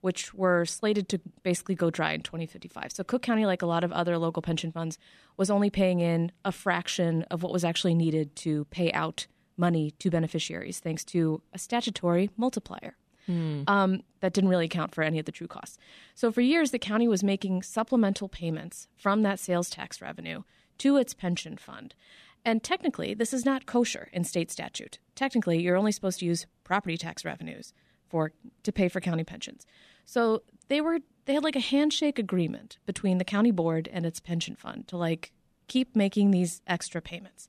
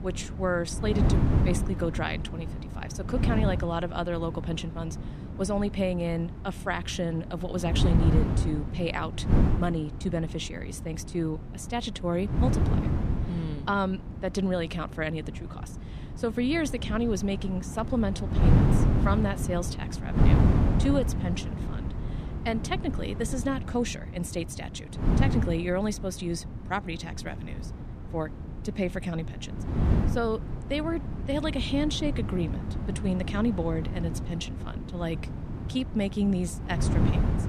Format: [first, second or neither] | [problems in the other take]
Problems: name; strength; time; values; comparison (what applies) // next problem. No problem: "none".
first | wind noise on the microphone; heavy; 6 dB below the speech